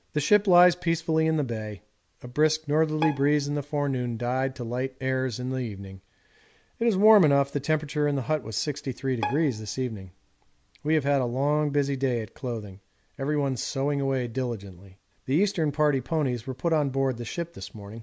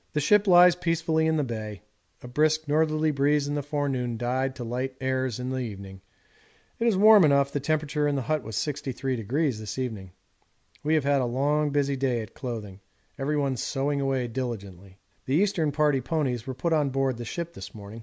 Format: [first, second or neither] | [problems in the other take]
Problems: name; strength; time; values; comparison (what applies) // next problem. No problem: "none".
second | background sound (Bowed string instrument); 14 dB below the speech